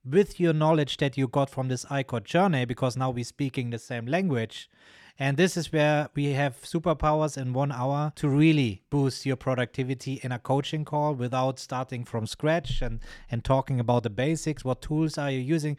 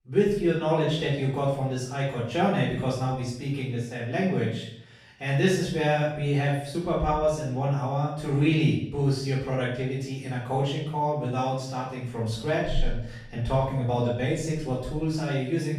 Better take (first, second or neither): first